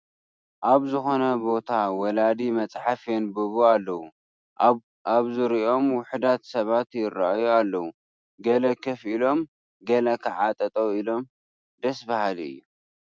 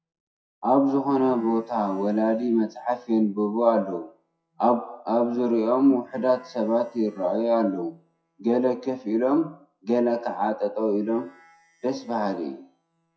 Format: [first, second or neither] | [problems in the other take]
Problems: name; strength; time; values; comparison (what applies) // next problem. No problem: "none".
first | noise reduction (classical method WPE with log-MMSE)